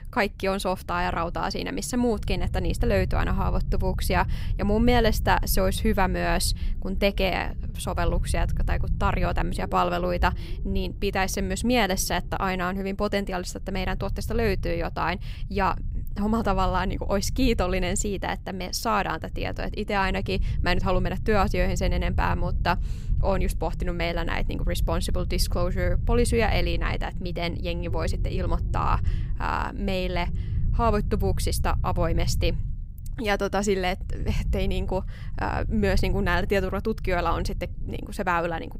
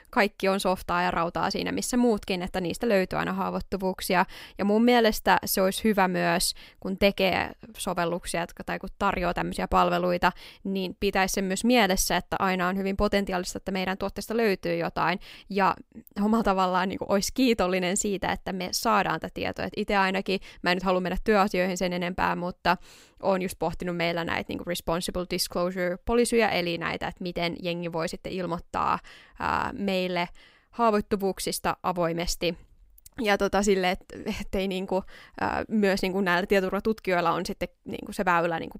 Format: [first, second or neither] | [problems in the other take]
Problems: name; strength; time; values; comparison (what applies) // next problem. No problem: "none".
second | low rumble; noticeable; throughout; 20 dB below the speech